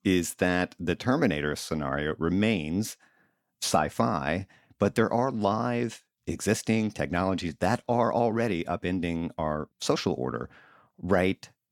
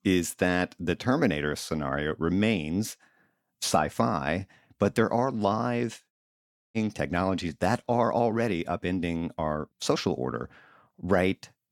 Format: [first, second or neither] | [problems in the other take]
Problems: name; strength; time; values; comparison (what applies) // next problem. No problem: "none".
first | audio cutting out; at 6 s for 0.5 s